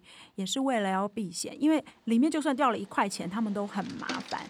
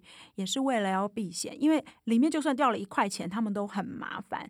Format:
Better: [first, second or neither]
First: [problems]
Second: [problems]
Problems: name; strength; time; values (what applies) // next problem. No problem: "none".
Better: second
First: rain or running water; noticeable; throughout; 15 dB below the speech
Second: none